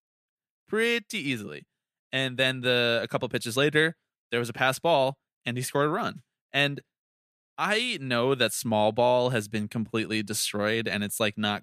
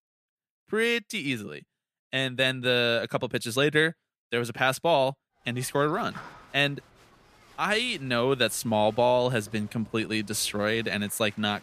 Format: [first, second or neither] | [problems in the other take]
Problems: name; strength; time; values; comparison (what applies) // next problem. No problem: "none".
first | crowd noise; faint; from 5.5 s on; 25 dB below the speech